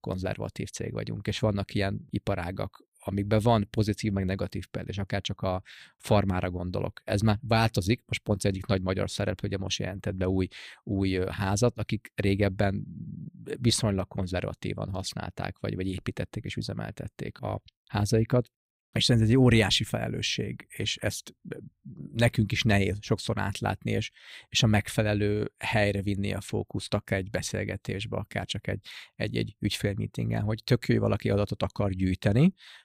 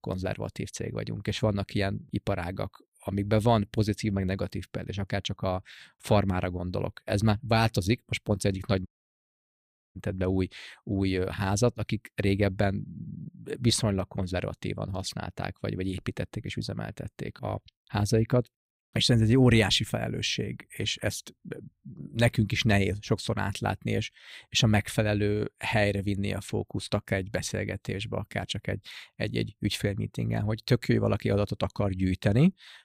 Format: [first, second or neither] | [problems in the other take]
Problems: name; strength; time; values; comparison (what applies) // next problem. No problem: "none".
first | audio cutting out; at 9 s for 1 s